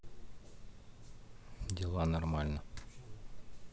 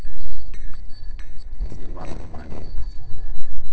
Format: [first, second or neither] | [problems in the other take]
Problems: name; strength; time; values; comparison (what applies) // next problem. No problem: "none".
first | noise reduction (neural separator model SepFormer DNS4)